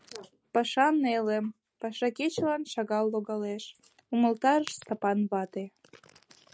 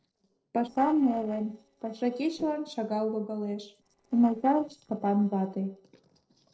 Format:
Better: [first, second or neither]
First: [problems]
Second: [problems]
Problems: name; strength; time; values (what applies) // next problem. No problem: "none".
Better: first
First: none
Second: noise reduction (neural separator model SepFormer DNS4)